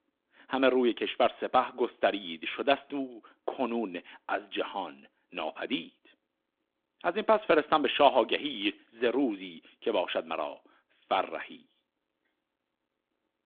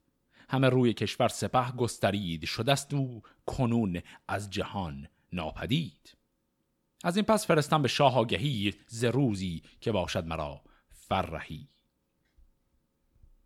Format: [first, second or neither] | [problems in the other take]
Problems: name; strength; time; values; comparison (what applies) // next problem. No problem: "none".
second | phone-call audio; nothing above 3.5 kHz